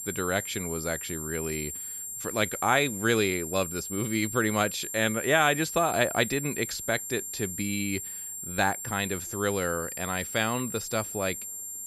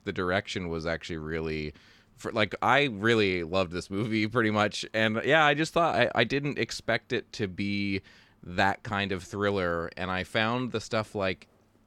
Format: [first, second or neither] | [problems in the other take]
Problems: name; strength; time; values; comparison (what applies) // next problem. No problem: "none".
second | high-pitched whine; loud; throughout; 7.5 kHz, 6 dB below the speech